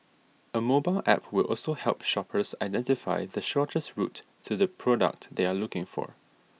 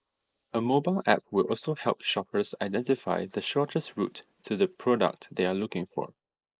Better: first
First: none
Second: noise reduction (neural mask model Resemble Enhance denoiser)

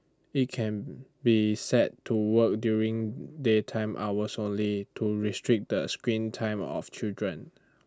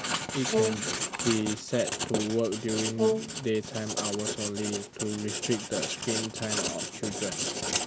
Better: first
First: none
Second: background sound (Brass instrument + Writing); 1 dB above the speech

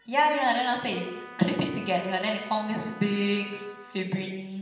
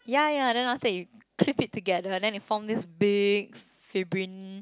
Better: second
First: background sound (Trumpet); 18 dB below the speech // room echo; dies away in 1.1 s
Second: none

